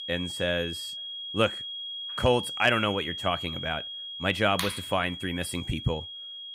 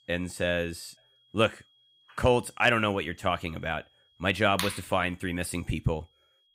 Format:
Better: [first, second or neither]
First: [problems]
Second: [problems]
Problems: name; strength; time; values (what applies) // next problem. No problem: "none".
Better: second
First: high-pitched whine; loud; throughout; 3.5 kHz, 7 dB below the speech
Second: high-pitched whine; faint; throughout; 3.5 kHz, 35 dB below the speech